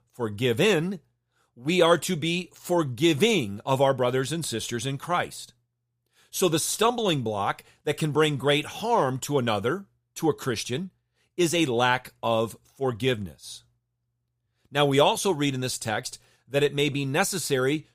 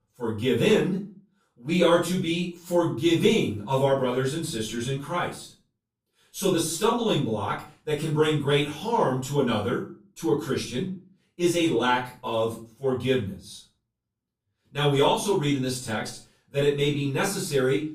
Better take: first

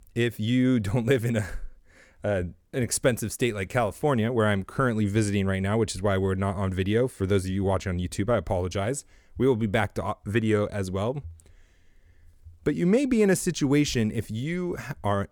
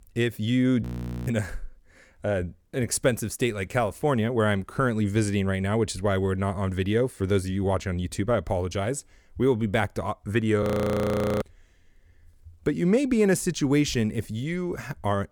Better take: first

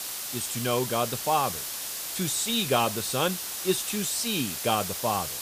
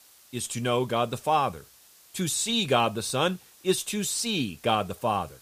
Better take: second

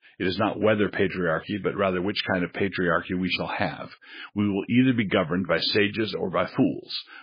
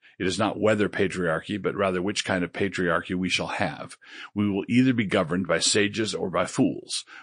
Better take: second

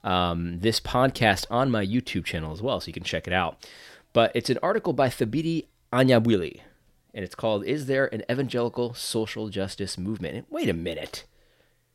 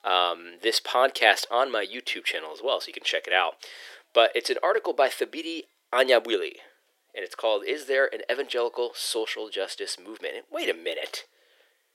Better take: first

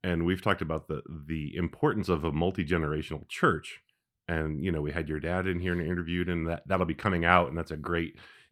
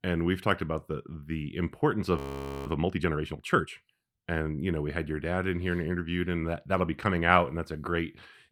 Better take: first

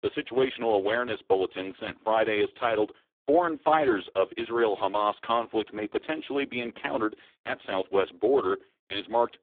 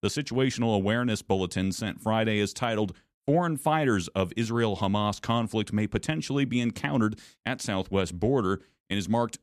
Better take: second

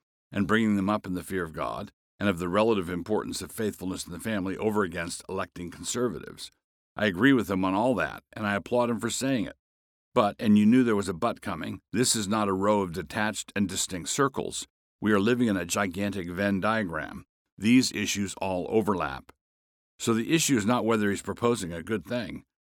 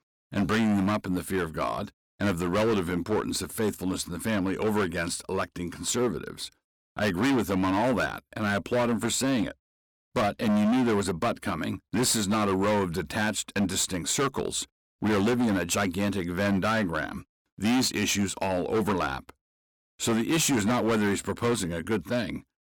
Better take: first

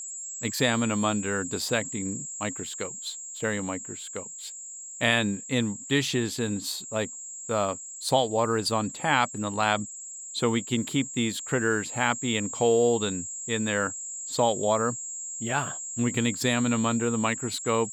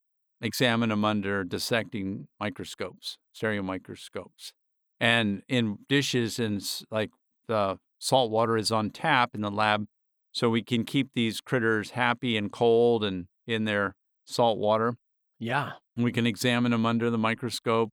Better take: second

